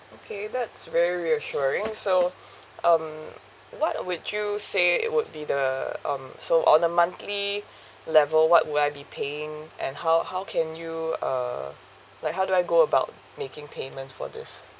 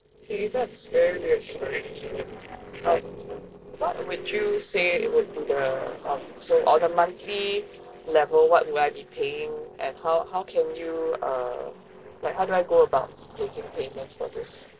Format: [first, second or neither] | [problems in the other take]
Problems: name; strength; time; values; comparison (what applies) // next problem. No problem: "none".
first | noise reduction (neural separator model SepFormer DNS4)